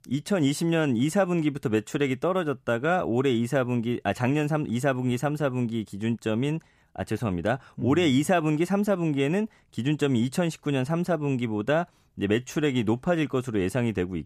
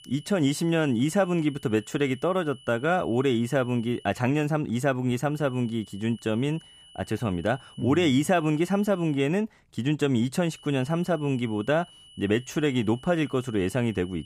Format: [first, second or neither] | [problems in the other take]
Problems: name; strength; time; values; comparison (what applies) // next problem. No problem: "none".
first | high-pitched whine; faint; until 4 s, from 5.5 to 9 s and from 10 s on; 3 kHz, 25 dB below the speech